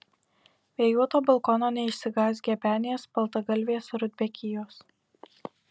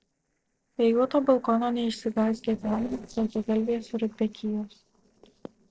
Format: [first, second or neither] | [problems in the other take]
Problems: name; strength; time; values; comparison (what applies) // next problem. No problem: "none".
first | noise reduction (neural separator model SepFormer DNS4)